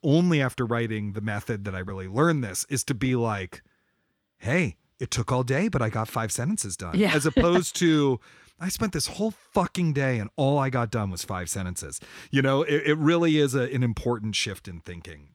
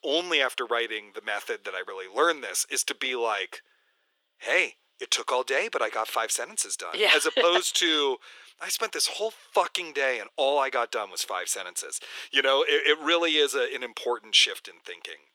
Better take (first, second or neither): first